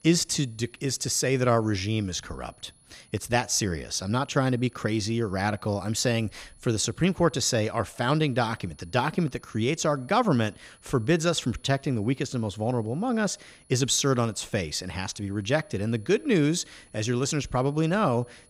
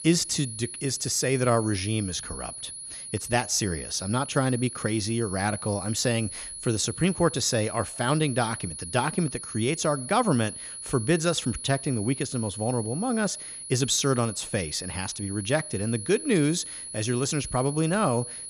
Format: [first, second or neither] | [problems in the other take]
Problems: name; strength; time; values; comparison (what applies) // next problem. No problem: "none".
first | high-pitched whine; loud; throughout; 10.5 kHz, 9 dB below the speech; faint in the first